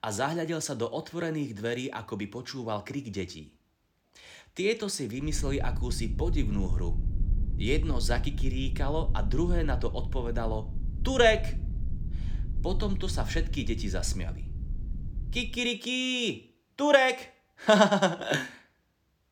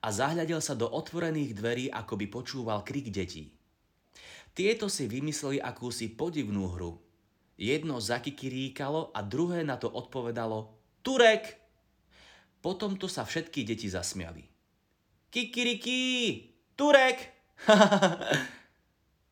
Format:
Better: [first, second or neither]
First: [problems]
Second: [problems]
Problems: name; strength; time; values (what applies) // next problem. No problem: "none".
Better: second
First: low rumble; faint; from 5.5 to 16 s; 20 dB below the speech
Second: none